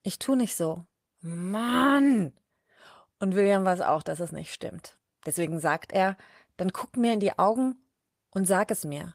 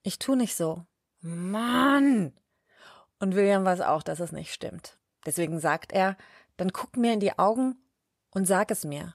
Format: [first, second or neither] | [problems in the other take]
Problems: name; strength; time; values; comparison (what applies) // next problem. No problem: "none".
second | garbled, watery; slightly; nothing above 15.5 kHz